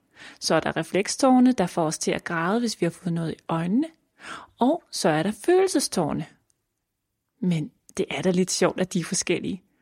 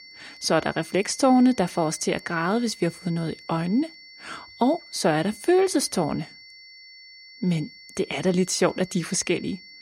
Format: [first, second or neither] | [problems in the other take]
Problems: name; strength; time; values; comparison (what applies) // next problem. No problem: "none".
first | high-pitched whine; noticeable; throughout; 2 kHz, 20 dB below the speech